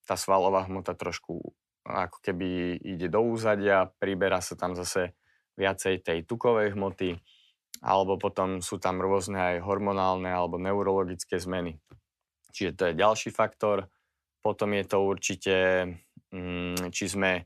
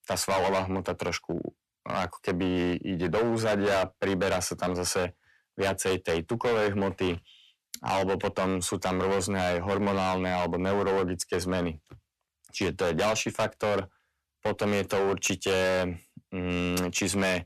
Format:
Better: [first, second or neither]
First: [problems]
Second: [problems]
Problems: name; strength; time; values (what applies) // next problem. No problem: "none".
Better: first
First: none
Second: distortion; heavy; 14% of the sound clipped